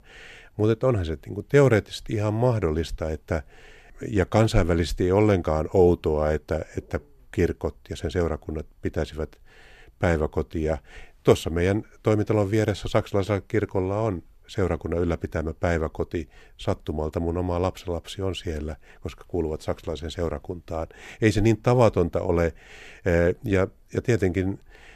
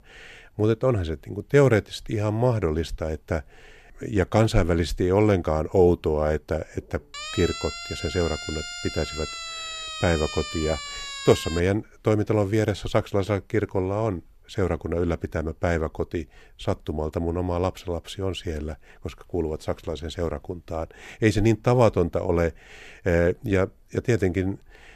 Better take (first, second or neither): first